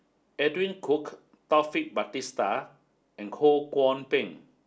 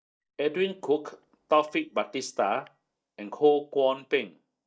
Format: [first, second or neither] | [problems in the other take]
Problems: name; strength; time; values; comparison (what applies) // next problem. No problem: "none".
first | noise reduction (neural mask model DeepFilterNet 3)